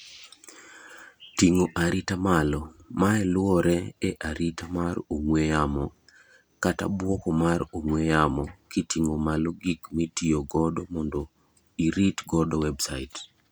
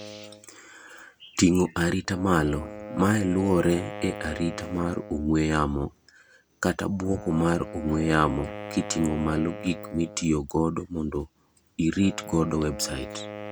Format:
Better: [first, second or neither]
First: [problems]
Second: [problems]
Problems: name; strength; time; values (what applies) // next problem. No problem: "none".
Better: first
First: none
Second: background sound (Wind instrument, woodwind instrument); 14 dB below the speech